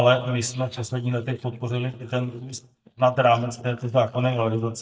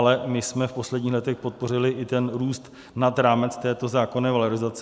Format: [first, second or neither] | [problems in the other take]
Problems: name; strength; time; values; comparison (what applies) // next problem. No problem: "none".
second | noise reduction (neural mask model DeepFilterNet 3)